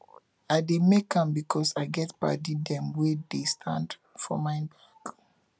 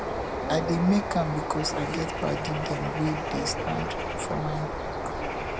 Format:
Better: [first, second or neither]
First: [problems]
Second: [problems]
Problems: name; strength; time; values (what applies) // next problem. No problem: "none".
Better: first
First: none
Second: background sound (Bird); 1 dB below the speech